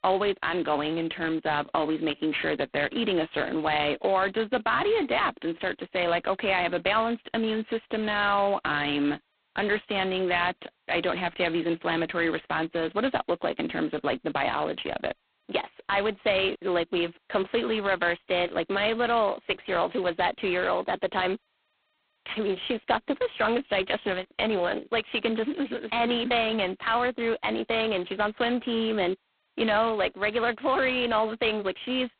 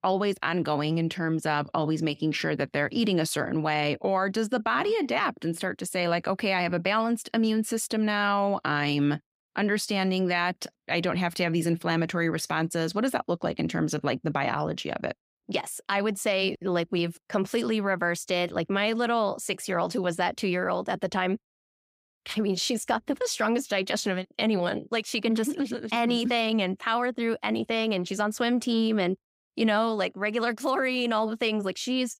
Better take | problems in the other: second | phone-call audio; poor line; nothing above 4 kHz

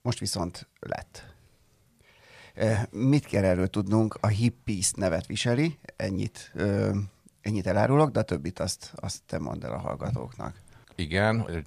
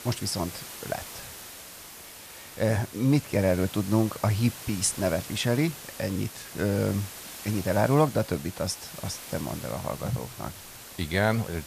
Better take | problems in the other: first | hiss; noticeable; throughout; 10 dB below the speech

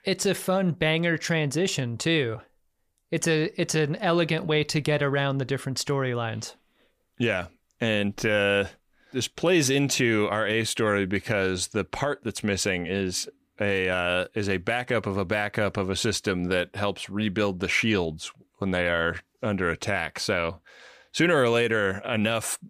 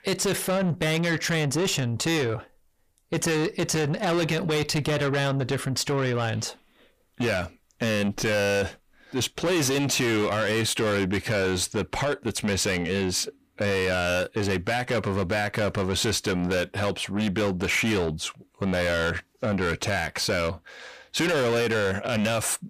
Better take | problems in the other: first | distortion; heavy; 7 dB below the speech

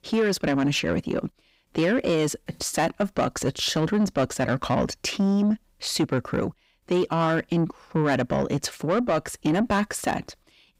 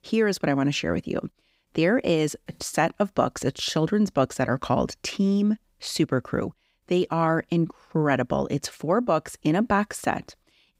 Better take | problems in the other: second | distortion; slight; 10 dB below the speech

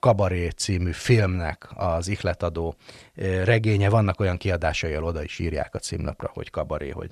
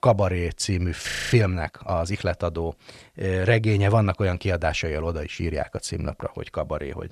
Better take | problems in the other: first | audio freezing; at 1 s

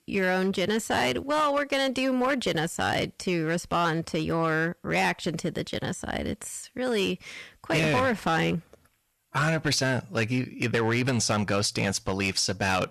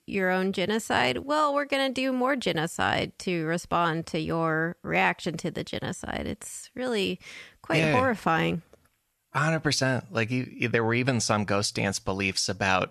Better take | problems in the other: second | distortion; slight; 8% of the sound clipped

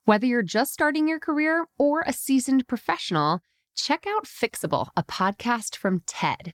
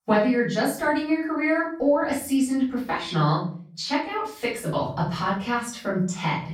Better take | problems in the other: first | off-mic speech; far // room echo; noticeable; dies away in 0.6 s

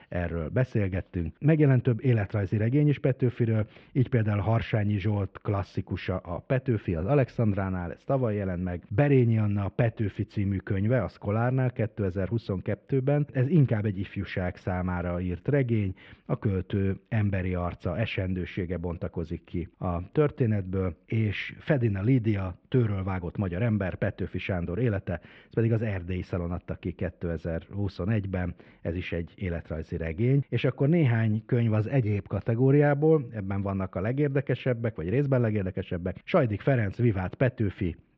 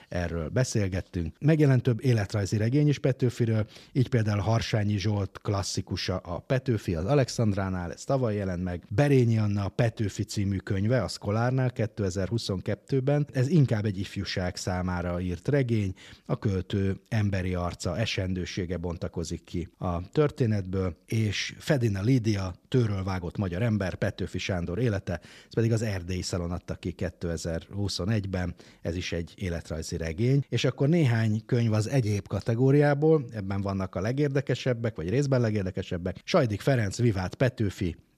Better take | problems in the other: second | muffled; very; fading above 2.5 kHz

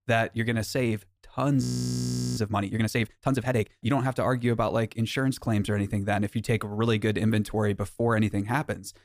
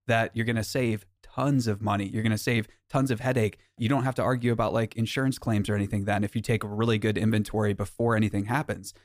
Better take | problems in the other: second | audio freezing; at 1.5 s for 0.5 s

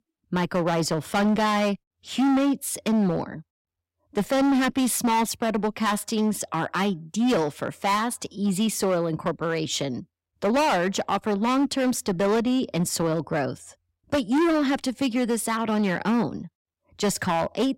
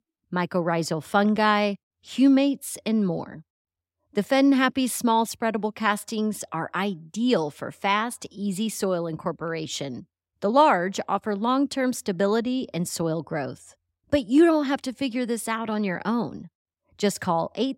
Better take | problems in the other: second | distortion; heavy; 14% of the sound clipped

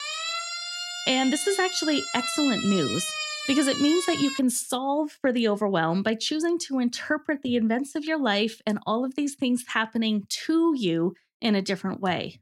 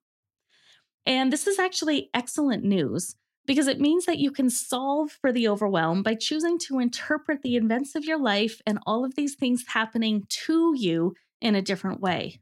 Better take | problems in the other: second | siren; noticeable; until 4.5 s; peak 2 dB below the speech

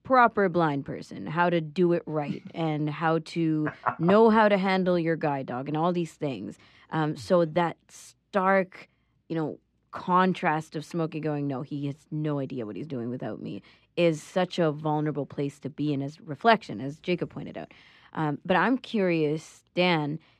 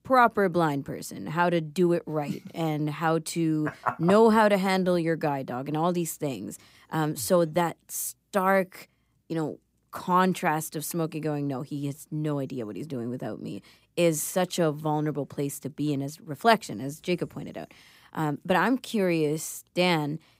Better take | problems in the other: second | muffled; slightly; fading above 3 kHz

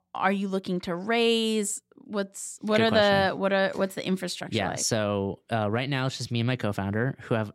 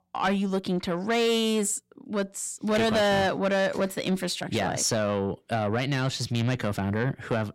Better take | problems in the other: first | distortion; slight; 10 dB below the speech

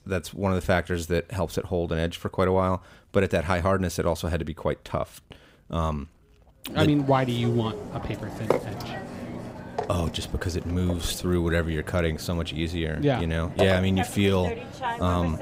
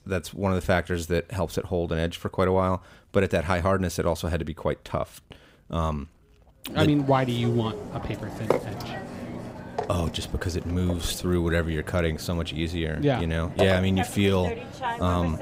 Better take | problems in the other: neither | hiss; loud; from 6.5 s on; 8 dB below the speech; the same in both

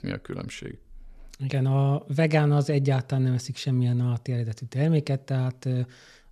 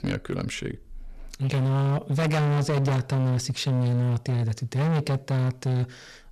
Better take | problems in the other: first | distortion; heavy; 33% of the sound clipped

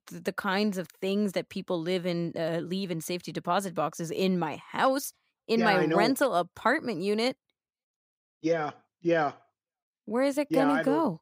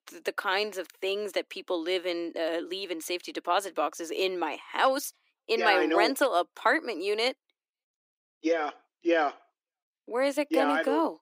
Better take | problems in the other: first | thin; somewhat; fading below 300 Hz

